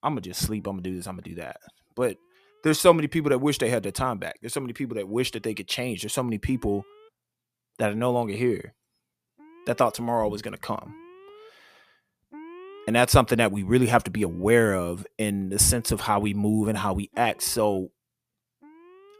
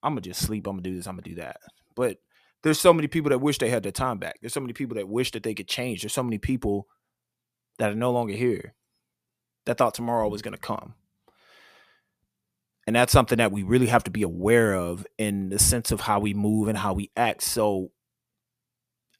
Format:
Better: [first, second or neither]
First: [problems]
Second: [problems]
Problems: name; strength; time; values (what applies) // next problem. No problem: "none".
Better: second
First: alarms or sirens; faint; throughout; 25 dB below the speech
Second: none